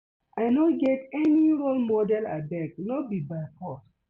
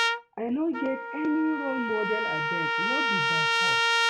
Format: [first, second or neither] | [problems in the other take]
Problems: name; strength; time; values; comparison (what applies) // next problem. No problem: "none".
first | background sound (Trumpet); 4 dB above the speech